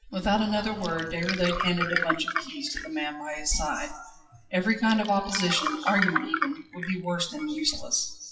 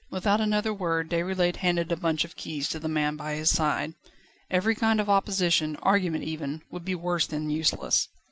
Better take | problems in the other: second | noise reduction (classical method WPE with log-MMSE)

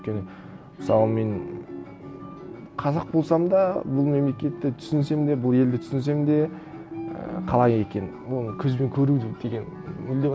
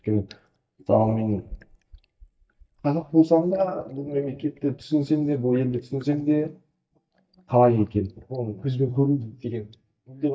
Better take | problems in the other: first | noise reduction (neural mask model DeepFilterNet 3)

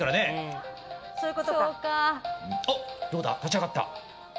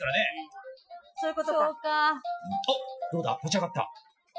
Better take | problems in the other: first | noise reduction (classical method Wiener filter)

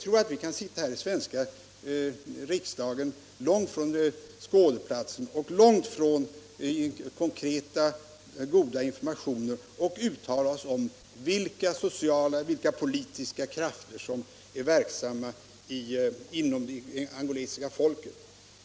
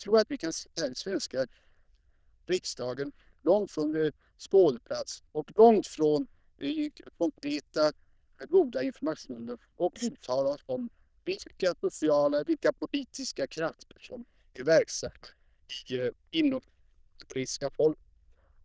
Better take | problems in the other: first | noise reduction (neural diffusion model UNIVERSE++)

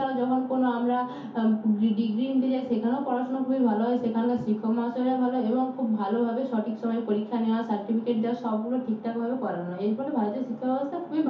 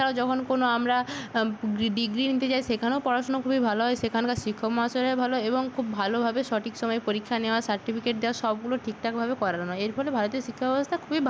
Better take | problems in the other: second | room echo; dies away in 0.5 s

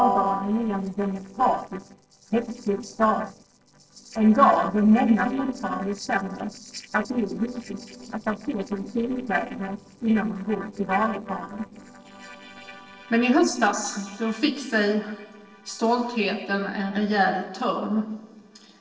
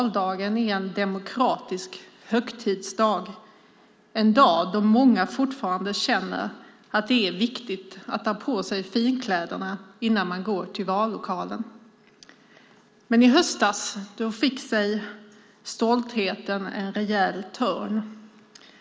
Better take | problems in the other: second | noise reduction (neural separator model SepFormer DNS4)

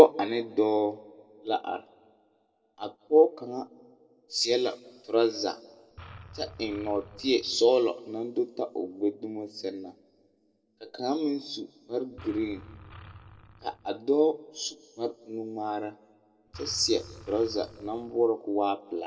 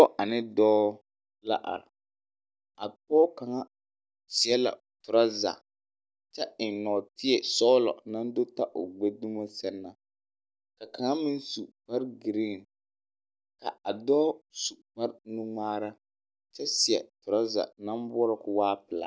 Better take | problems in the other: second | background sound (Engine); 19 dB below the speech // room echo; dies away in 1 s

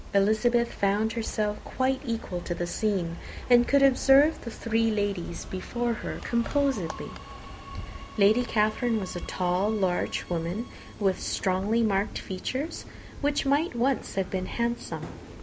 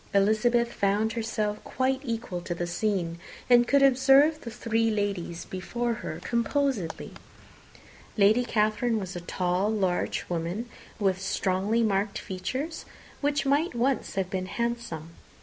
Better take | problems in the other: second | background sound (Glass + Subway, metro, underground); 13 dB below the speech

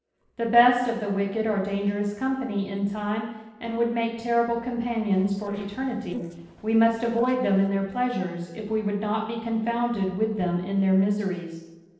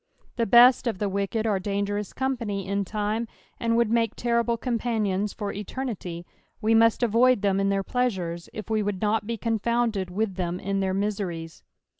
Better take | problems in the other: second | noise reduction (neural separator model SepFormer DNS4)

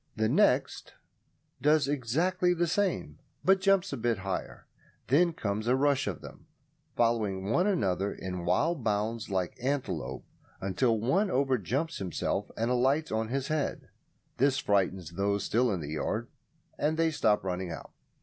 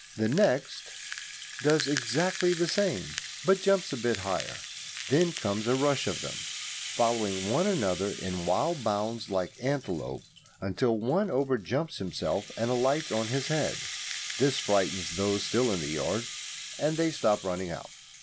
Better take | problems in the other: first | background sound (Rattle (instrument)); 10 dB below the speech

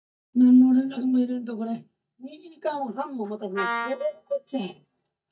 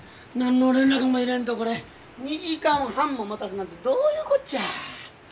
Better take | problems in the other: second | noise reduction (neural mask model DeepFilterNet 3)

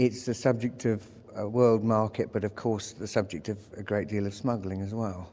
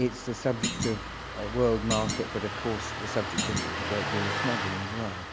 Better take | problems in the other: first | background sound (Engine starting + Thump, thud); 2 dB below the speech

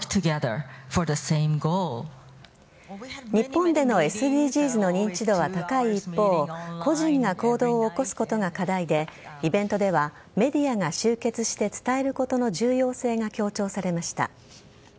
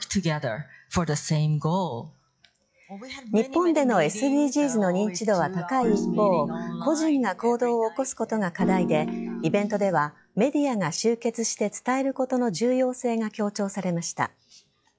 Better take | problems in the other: first | noise reduction (classical method log-MMSE)

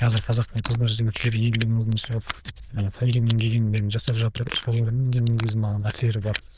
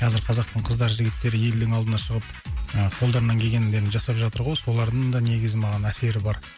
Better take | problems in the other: second | noise reduction (neural diffusion model UNIVERSE++)

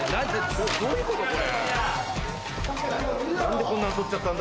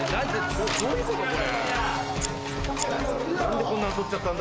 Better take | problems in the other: first | background sound (Scissors + Alarm / Ocean / Boat, Water vehicle); 9 dB below the speech

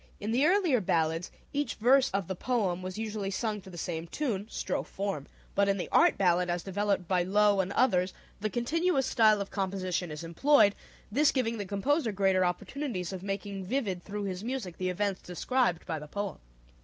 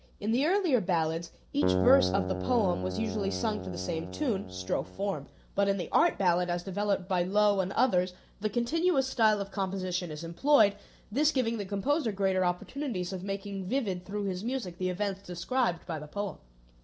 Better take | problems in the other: first | background sound (Keyboard (musical)); 4 dB below the speech // room echo; dies away in 0.3 s

